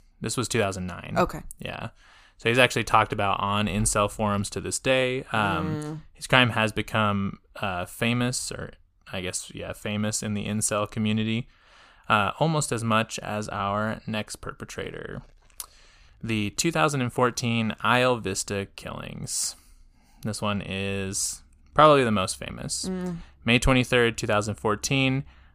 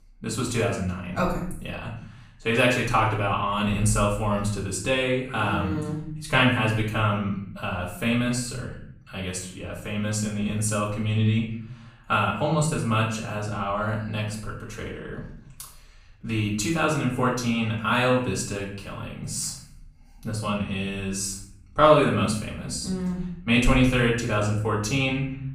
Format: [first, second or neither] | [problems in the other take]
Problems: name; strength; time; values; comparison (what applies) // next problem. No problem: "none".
first | off-mic speech; far // room echo; noticeable; dies away in 0.7 s